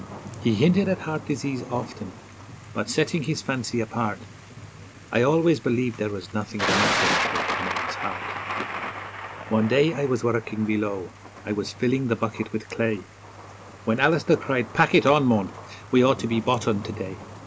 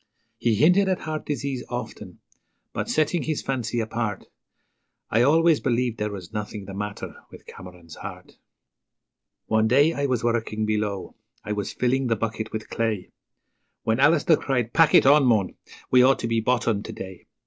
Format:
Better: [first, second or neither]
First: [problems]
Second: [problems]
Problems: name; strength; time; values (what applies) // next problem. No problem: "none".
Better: second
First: background sound (Thunder); 8 dB below the speech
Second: none